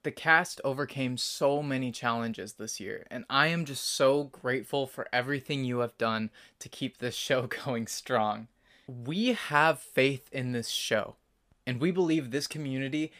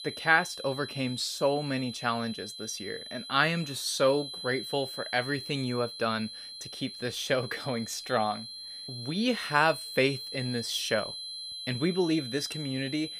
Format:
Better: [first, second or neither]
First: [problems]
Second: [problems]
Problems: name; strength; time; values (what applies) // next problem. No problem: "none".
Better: first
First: none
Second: high-pitched whine; loud; throughout; 4 kHz, 9 dB below the speech